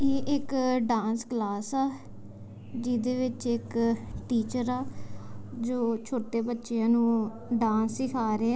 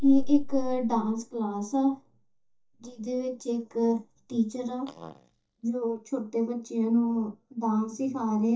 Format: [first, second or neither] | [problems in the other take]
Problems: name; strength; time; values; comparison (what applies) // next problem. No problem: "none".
first | noise reduction (neural mask model DeepFilterNet 3)